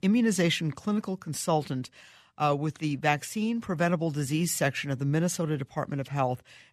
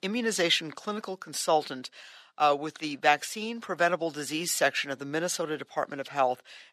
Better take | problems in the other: first | thin; somewhat; fading below 400 Hz

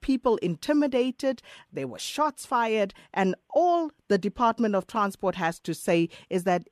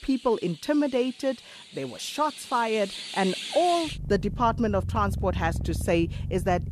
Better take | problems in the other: first | animal sounds; loud; throughout; 7 dB below the speech

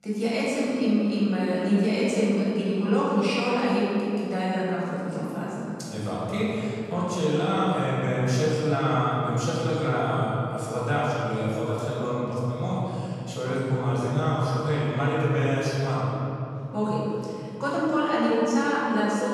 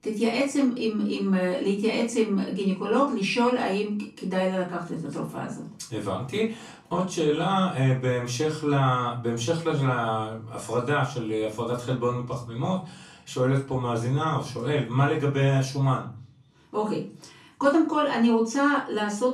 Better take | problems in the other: second | room echo; strong; dies away in 3 s; slight in the second // off-mic speech; far; far in the second

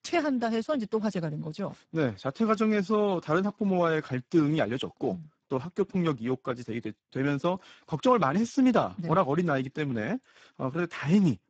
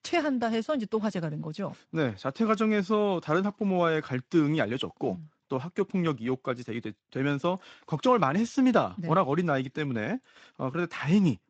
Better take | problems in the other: second | garbled, watery; badly; nothing above 7.5 kHz; slightly in the second

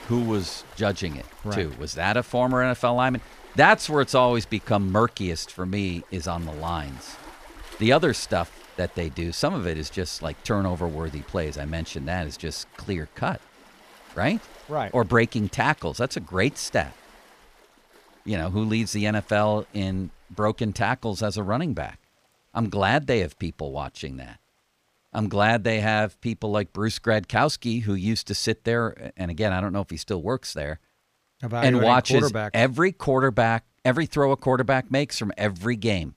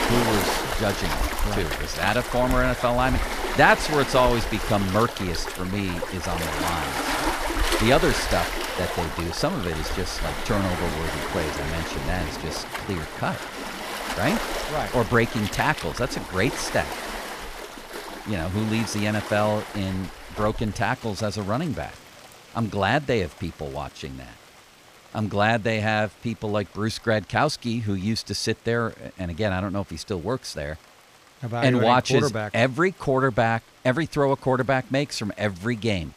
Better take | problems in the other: first | rain or running water; loud; throughout; 4 dB below the speech; faint in the first

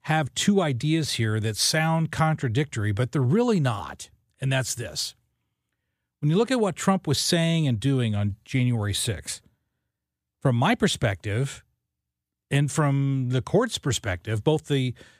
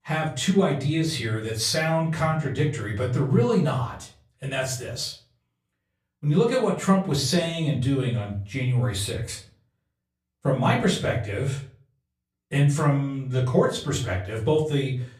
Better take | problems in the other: first | off-mic speech; far // room echo; slight; dies away in 0.4 s

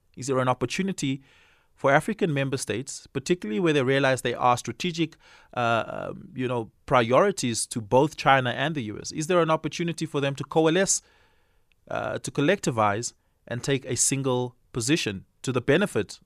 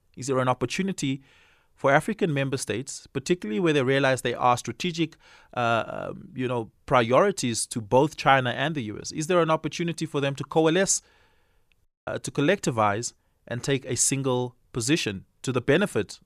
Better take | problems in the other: first | audio cutting out; at 12 s

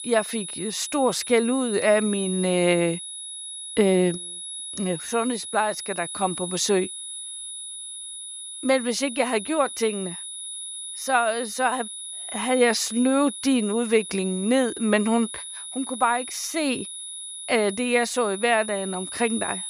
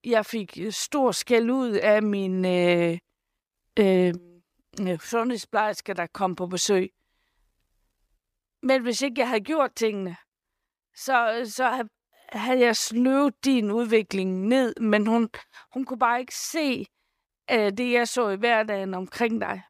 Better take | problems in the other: second | high-pitched whine; loud; throughout; 10 kHz, 9 dB below the speech

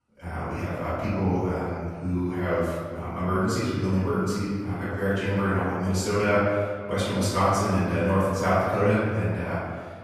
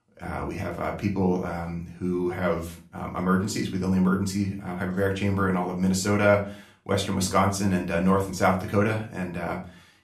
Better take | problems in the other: second | room echo; strong; dies away in 1.6 s; slight in the second // off-mic speech; far; far in the second

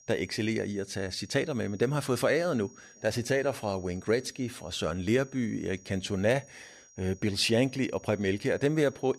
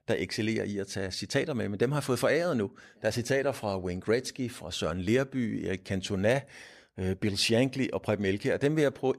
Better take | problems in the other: second | high-pitched whine; faint; throughout; 5.5 kHz, 25 dB below the speech

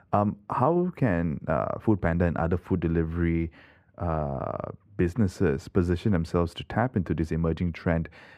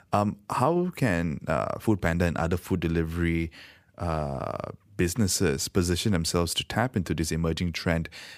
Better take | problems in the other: second | muffled; very; fading above 3 kHz

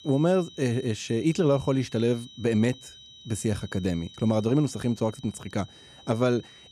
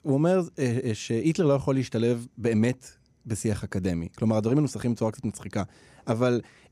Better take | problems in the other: second | high-pitched whine; faint; throughout; 4 kHz, 20 dB below the speech

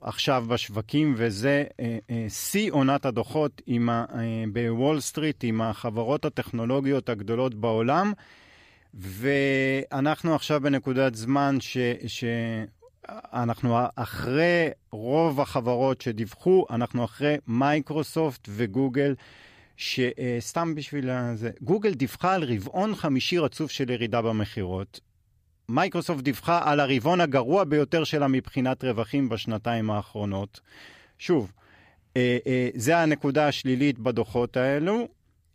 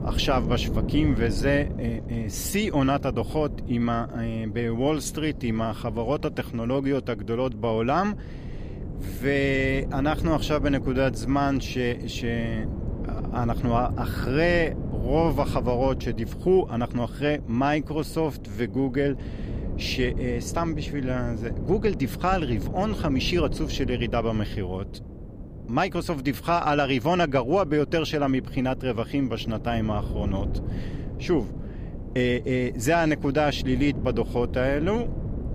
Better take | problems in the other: first | wind noise on the microphone; occasional gusts; 15 dB below the speech

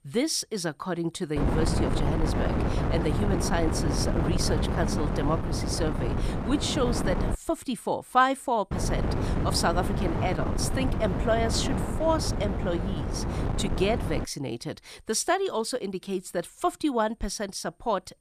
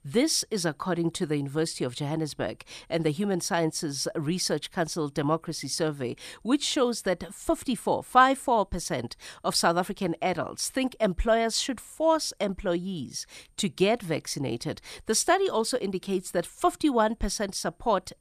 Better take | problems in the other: second | wind noise on the microphone; heavy; from 1.5 to 7.5 s and from 8.5 to 14 s; 5 dB below the speech

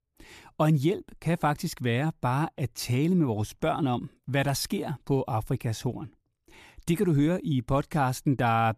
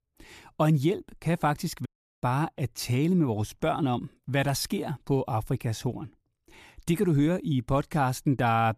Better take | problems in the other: first | audio cutting out; at 2 s

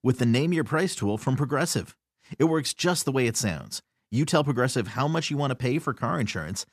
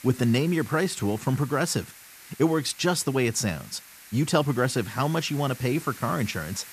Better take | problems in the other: first | hiss; noticeable; throughout; 20 dB below the speech

